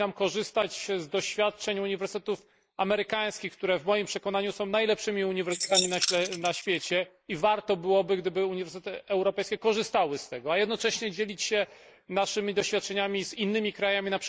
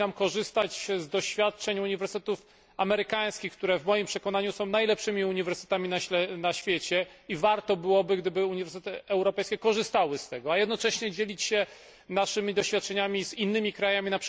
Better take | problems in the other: second | noise reduction (neural mask model Resemble Enhance denoiser)

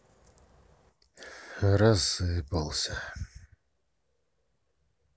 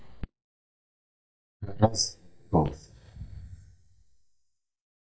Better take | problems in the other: first | noise reduction (neural mask model DeepFilterNet 3)

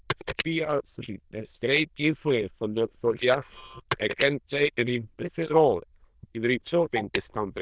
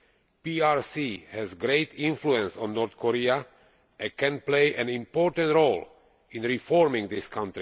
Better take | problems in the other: second | noise reduction (neural diffusion model UNIVERSE++)

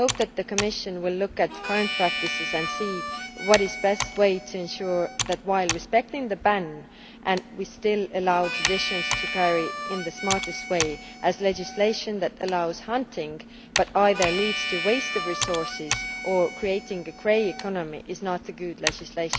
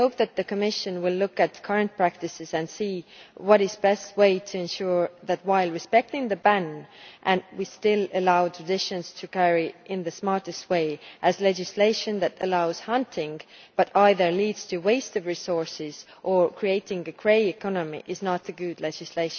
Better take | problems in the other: second | background sound (Harmonica + Computer keyboard); 6 dB below the speech

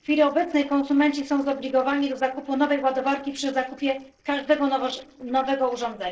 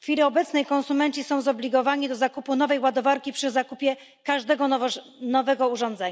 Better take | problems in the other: second | noise reduction (neural separator model SepFormer DNS4)

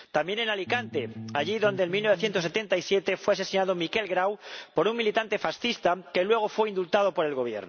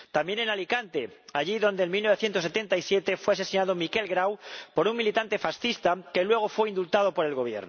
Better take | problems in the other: second | background sound (Bass guitar); 14 dB below the speech

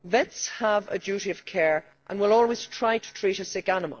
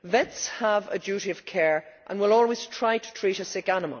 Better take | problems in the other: second | noise reduction (neural separator model SepFormer DNS4)

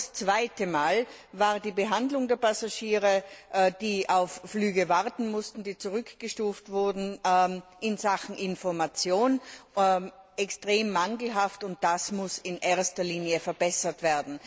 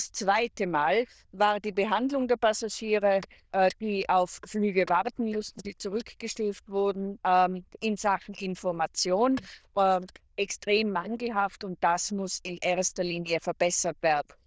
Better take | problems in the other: first | noise reduction (neural diffusion model UNIVERSE++)

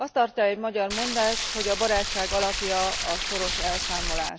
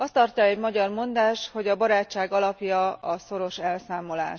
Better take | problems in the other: second | background sound (Stream); 2 dB below the speech

